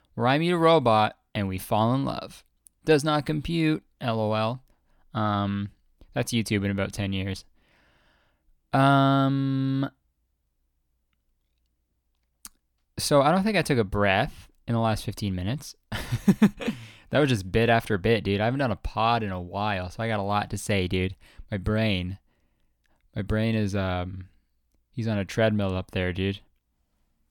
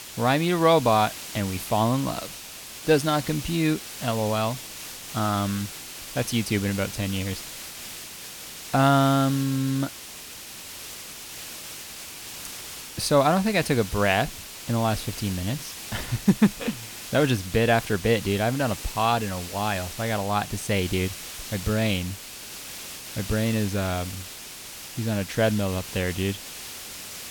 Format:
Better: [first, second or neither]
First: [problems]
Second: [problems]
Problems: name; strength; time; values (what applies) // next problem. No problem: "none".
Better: first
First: none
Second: hiss; noticeable; throughout; 10 dB below the speech